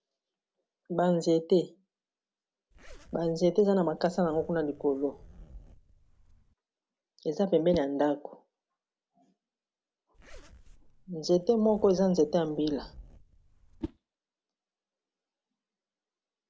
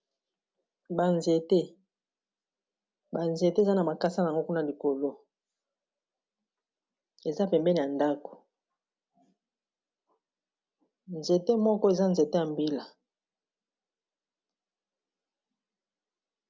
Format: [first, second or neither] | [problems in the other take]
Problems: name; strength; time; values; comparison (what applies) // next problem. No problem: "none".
second | background sound (Whoosh, swoosh, swish + Zipper (clothing)); 19 dB below the speech